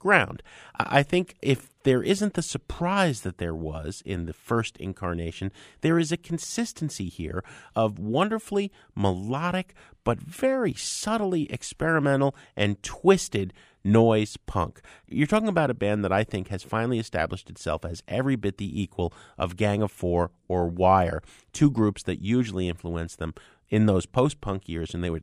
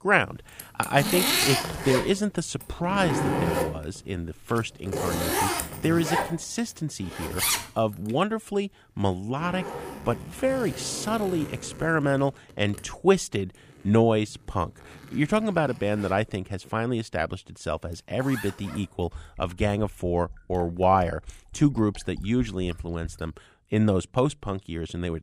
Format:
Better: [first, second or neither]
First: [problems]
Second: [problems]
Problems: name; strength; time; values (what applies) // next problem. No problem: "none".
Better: first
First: none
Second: household noises; loud; throughout; 2 dB below the speech